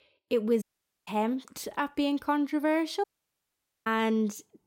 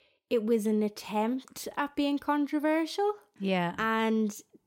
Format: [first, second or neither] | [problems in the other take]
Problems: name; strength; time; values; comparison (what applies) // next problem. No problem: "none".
second | audio cutting out; at 0.5 s and at 3 s for 1 s